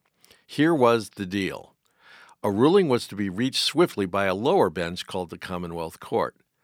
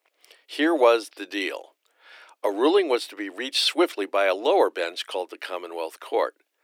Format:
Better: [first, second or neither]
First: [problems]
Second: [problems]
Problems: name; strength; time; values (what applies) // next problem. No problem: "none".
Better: first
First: none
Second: thin; somewhat; fading below 300 Hz